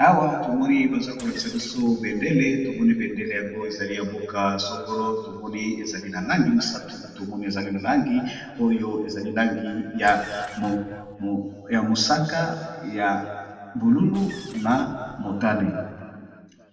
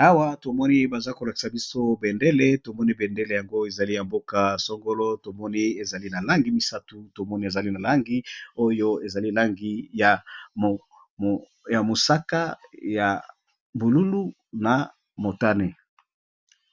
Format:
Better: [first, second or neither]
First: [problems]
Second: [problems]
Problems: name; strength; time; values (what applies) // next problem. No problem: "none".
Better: second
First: noise reduction (neural separator model SepFormer DNS4)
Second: none